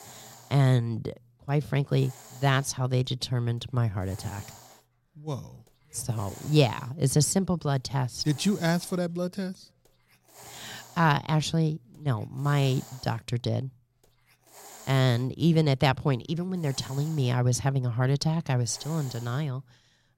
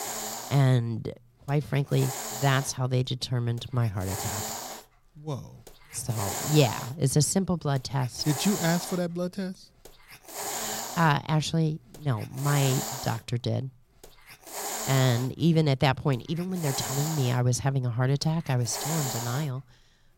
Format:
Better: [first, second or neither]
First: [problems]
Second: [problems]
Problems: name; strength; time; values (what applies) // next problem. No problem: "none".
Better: first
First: hiss; faint; throughout; 20 dB below the speech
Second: hiss; loud; throughout; 7 dB below the speech